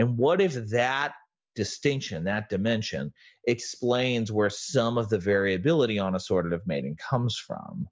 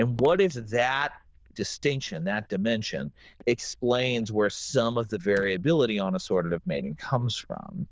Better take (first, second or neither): first